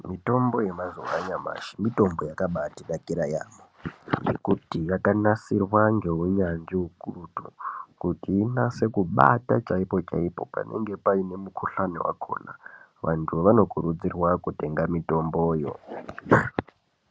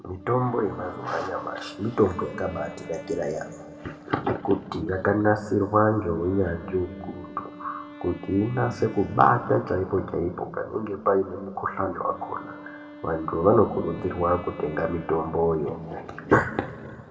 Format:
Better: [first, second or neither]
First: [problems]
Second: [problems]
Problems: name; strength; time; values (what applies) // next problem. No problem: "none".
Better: first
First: none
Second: background sound (Wind instrument, woodwind instrument); 20 dB below the speech // room echo; dies away in 1.8 s